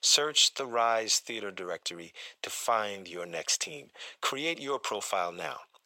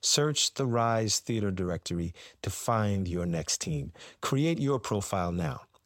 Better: second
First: thin; very; fading below 600 Hz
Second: none

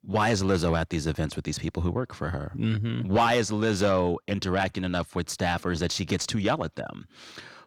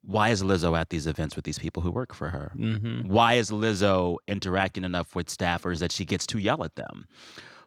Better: second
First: distortion; slight; 10 dB below the speech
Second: none

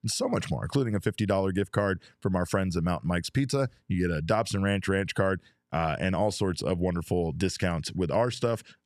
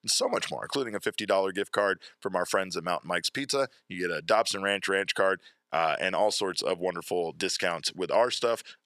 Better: first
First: none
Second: thin; somewhat; fading below 450 Hz

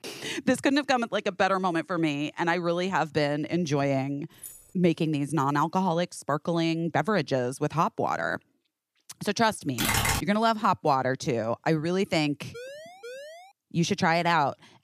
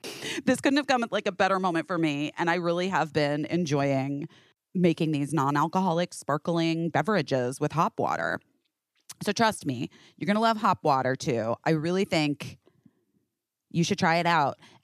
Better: second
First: jangling keys; faint; at 4.5 s; peak 15 dB below the speech // keyboard typing; loud; at 10 s; peak 3 dB above the speech // siren; faint; at 13 s; peak 15 dB below the speech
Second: none

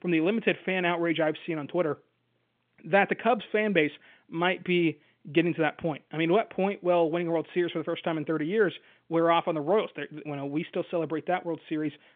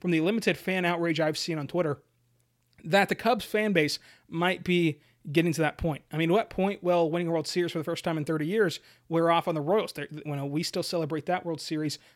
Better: second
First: phone-call audio; nothing above 3.5 kHz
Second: none

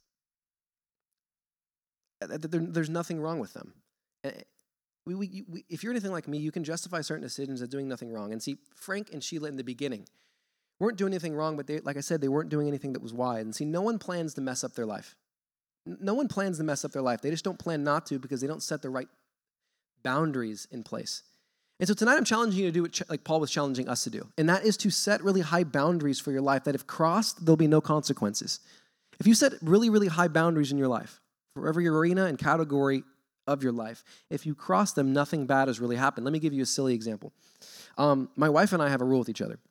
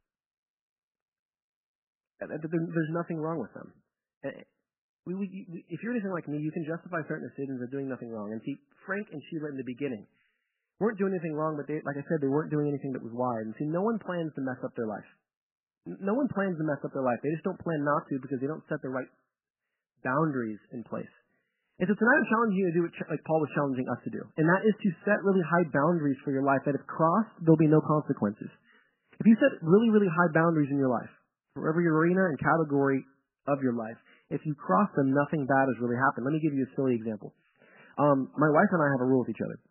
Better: first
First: none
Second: garbled, watery; badly; nothing above 3 kHz

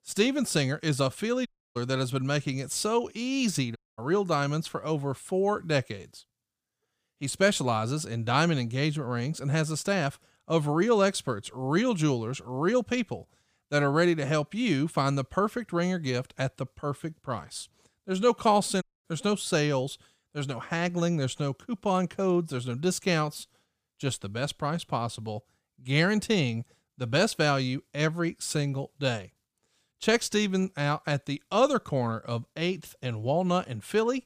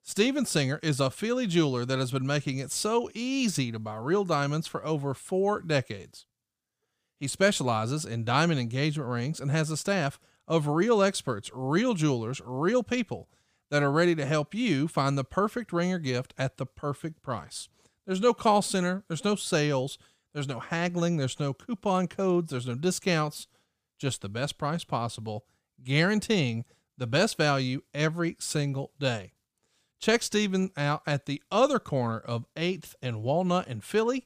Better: second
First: audio cutting out; at 1.5 s, at 4 s and at 19 s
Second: none

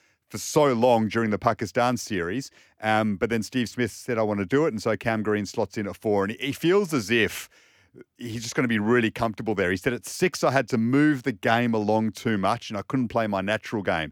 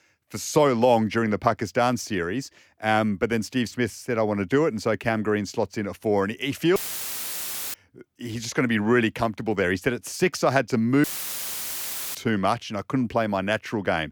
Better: first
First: none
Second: audio cutting out; filled with static; at 7 s for 1 s and at 11 s for 1 s

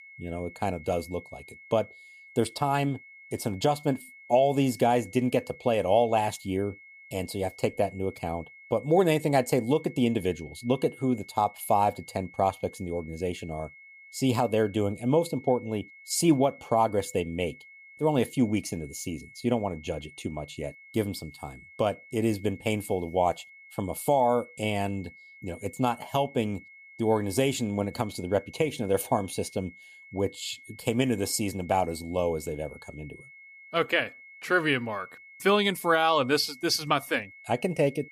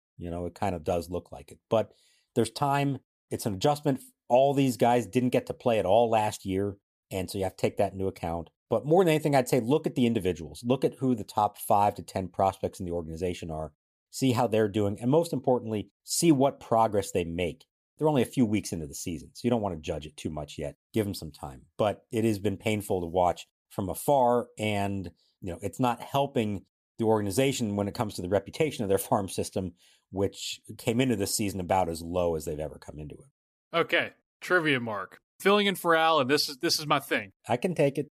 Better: second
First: high-pitched whine; faint; throughout; 2 kHz, 20 dB below the speech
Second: none

